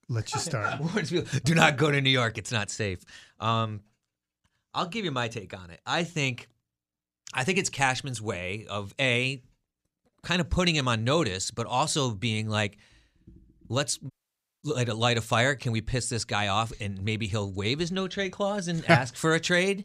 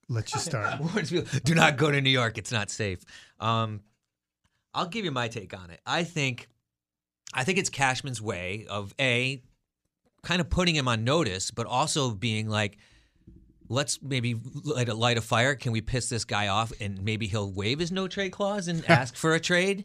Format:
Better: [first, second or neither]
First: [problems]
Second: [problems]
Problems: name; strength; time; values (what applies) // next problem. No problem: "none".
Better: second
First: audio cutting out; at 14 s for 0.5 s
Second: none